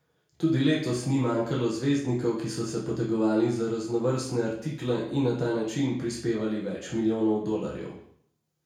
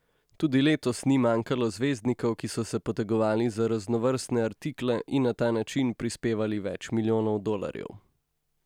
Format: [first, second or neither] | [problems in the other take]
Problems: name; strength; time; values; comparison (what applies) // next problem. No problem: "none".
second | room echo; dies away in 0.5 s